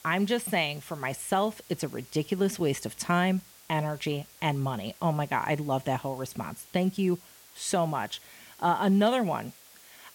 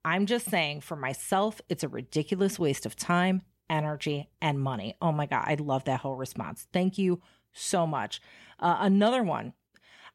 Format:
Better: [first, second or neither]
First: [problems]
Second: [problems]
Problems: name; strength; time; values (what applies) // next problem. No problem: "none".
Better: second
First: hiss; faint; throughout; 20 dB below the speech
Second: none